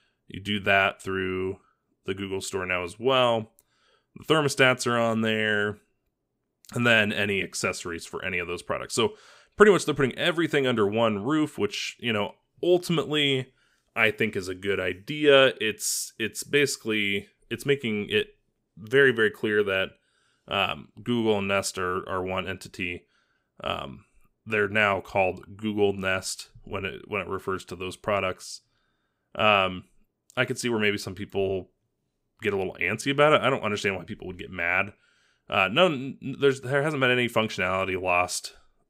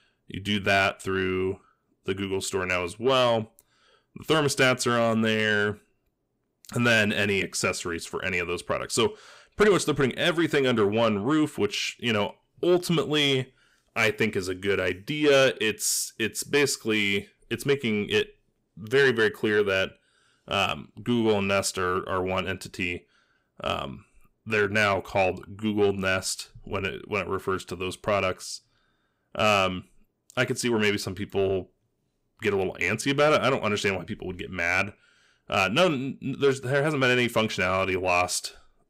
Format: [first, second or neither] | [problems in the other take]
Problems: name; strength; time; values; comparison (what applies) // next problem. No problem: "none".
first | distortion; slight; 10 dB below the speech